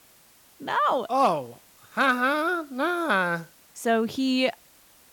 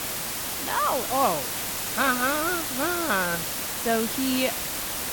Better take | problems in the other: first | hiss; loud; throughout; 1 dB below the speech; faint in the first

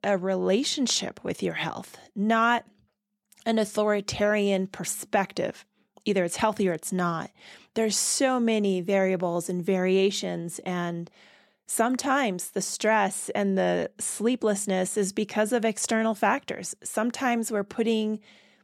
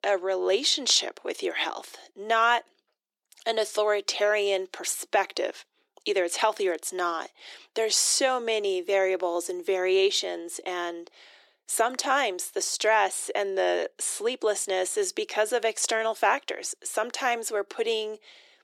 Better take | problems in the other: first | thin; very; fading below 350 Hz

